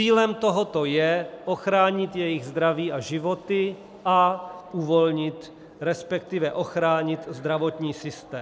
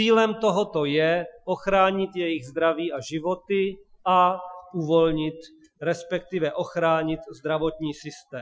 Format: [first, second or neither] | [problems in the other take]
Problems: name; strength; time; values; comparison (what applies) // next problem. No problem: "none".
first | noise reduction (classical method Wiener filter)